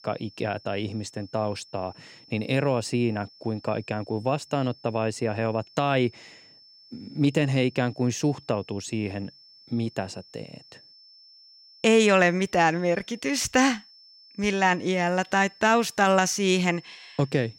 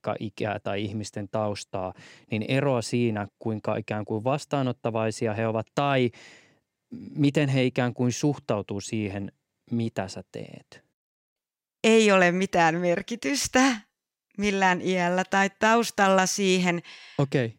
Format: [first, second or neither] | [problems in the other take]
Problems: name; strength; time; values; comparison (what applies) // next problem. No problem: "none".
second | high-pitched whine; faint; throughout; 5.5 kHz, 25 dB below the speech